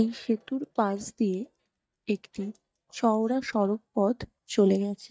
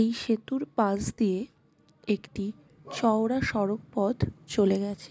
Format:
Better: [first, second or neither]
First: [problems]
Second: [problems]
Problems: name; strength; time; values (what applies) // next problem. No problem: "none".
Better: second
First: noise reduction (neural mask model DeepFilterNet 3)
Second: none